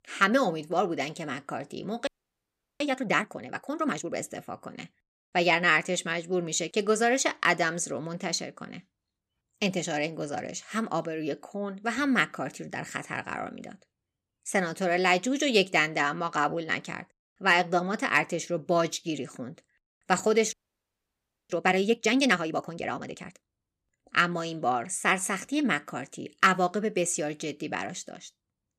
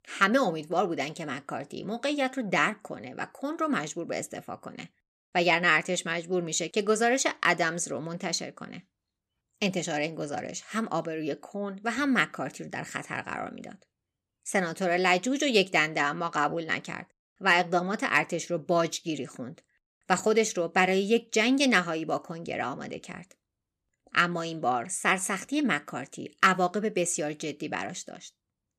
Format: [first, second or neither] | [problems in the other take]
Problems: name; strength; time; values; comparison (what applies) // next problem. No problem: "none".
second | audio freezing; at 2 s for 0.5 s and at 21 s for 1 s